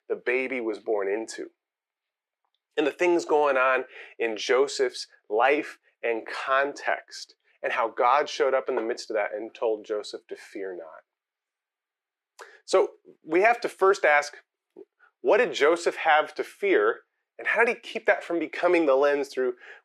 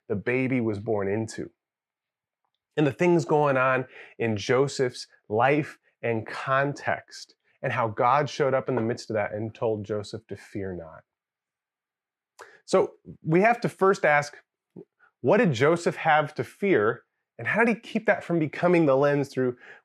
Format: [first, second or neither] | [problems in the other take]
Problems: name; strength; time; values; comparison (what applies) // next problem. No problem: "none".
second | thin; somewhat; fading below 350 Hz